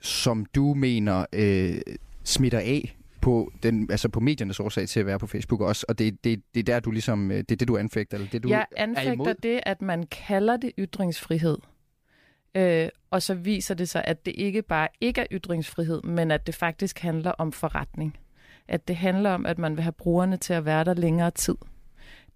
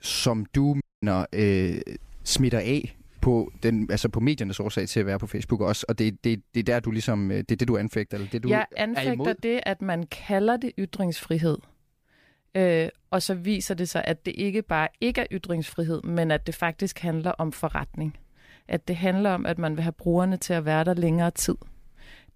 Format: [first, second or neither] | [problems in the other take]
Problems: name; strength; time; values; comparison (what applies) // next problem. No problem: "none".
first | audio cutting out; at 1 s